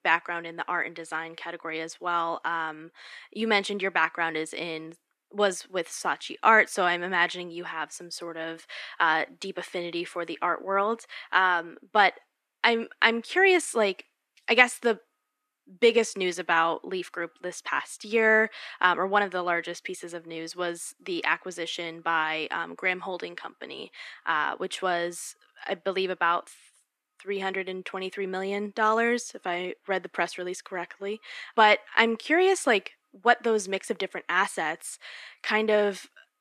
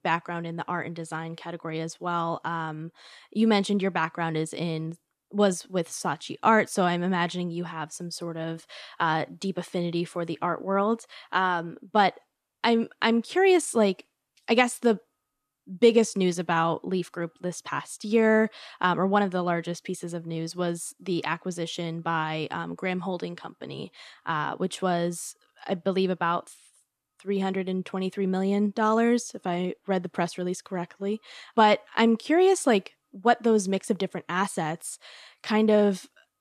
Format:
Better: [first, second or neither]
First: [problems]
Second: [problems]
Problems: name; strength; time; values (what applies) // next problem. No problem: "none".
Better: second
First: thin; somewhat; fading below 300 Hz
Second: none